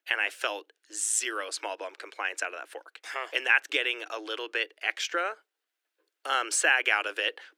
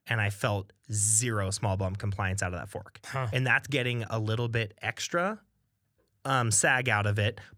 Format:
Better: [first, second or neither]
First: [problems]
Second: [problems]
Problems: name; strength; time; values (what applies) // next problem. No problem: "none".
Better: second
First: thin; very; fading below 300 Hz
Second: none